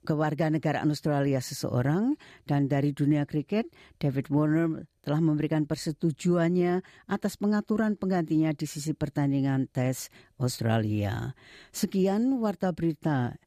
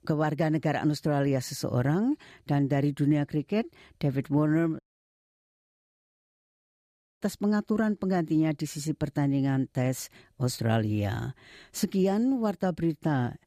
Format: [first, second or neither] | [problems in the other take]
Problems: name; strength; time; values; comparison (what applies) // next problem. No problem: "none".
first | audio cutting out; at 5 s for 2.5 s